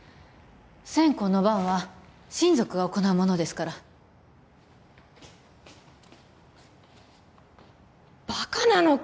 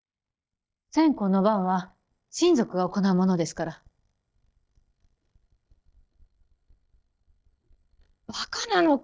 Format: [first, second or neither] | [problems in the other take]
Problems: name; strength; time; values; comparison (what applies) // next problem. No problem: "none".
first | noise reduction (neural mask model DeepFilterNet 3)